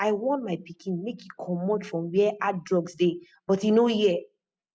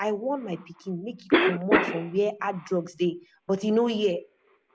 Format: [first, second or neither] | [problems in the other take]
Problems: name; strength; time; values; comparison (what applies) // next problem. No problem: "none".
first | background sound (Cough); 2 dB below the speech